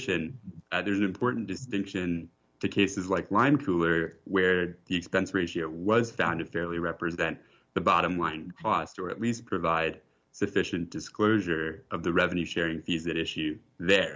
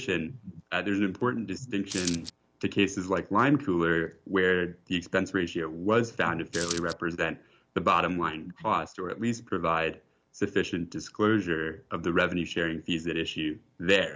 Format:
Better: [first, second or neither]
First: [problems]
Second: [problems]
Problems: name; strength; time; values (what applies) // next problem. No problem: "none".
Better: first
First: none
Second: background sound (Coin (dropping)); 7 dB below the speech